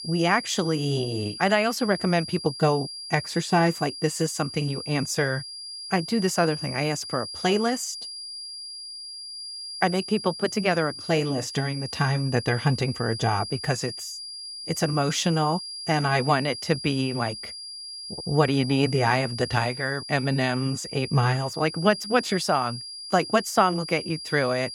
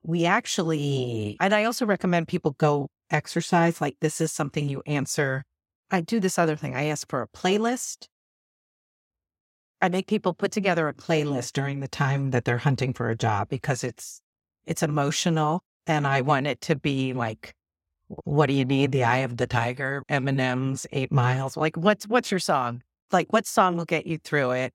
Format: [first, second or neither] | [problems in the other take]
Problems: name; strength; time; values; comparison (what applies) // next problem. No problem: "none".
second | high-pitched whine; loud; throughout; 5 kHz, 9 dB below the speech